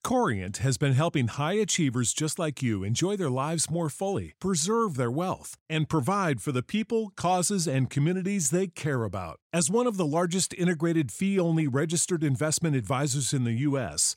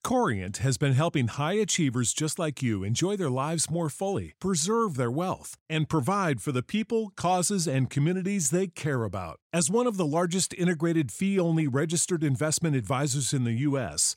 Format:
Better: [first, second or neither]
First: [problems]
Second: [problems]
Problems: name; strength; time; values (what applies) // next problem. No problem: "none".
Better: neither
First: none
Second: none